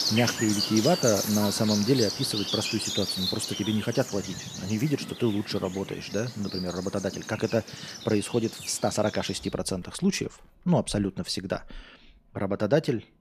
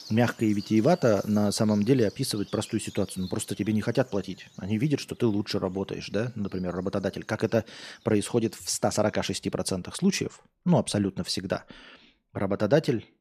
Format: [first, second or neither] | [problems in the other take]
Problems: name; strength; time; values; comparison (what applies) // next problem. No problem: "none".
second | animal sounds; loud; throughout; 4 dB below the speech; faint in the second